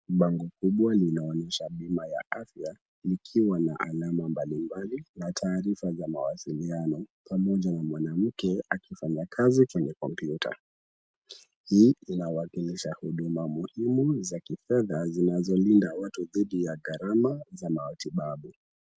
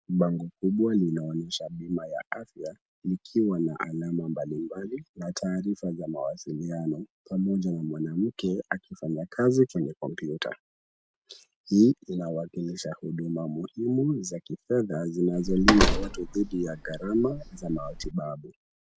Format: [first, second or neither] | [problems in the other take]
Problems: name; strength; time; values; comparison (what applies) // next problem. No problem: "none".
first | background sound (Slam); as loud as the speech